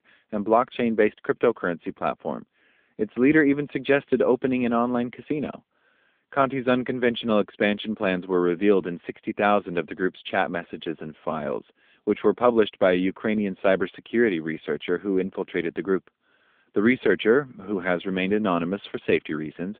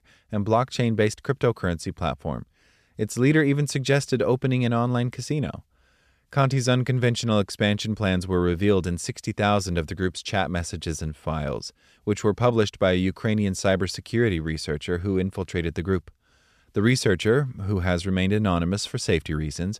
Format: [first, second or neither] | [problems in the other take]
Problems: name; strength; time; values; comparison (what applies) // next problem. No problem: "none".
second | phone-call audio; nothing above 3.5 kHz